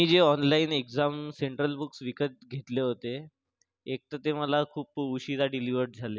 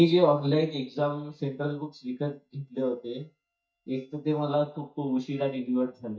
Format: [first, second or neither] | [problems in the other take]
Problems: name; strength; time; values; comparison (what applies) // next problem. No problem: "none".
first | noise reduction (neural mask model DeepFilterNet 3)